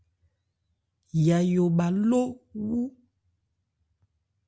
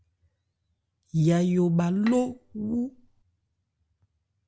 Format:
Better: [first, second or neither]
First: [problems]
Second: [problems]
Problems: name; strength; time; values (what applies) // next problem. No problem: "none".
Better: first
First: none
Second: background sound (Bowed string instrument); 19 dB below the speech